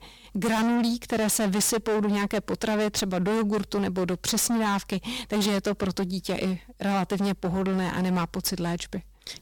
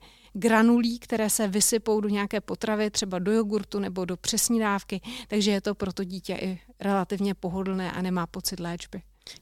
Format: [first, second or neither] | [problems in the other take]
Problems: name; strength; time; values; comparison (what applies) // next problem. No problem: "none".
second | distortion; heavy; 24% of the sound clipped